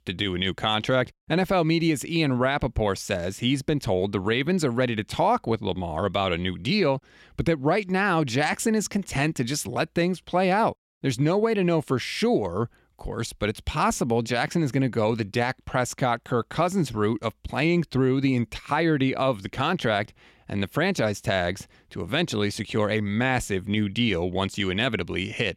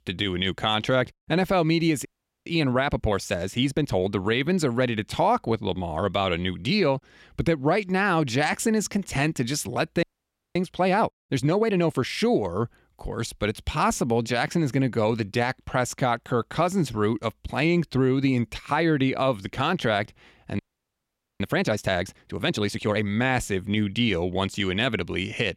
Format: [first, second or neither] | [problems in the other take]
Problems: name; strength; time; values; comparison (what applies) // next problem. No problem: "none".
first | audio freezing; at 2 s, at 10 s for 0.5 s and at 21 s for 1 s